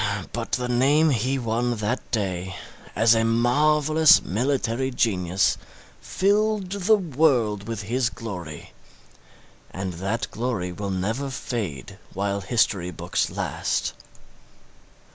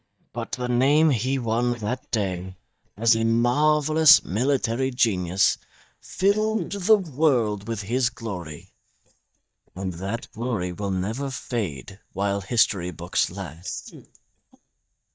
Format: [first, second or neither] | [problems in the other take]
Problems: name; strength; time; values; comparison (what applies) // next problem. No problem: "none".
first | noise reduction (neural mask model DeepFilterNet 3)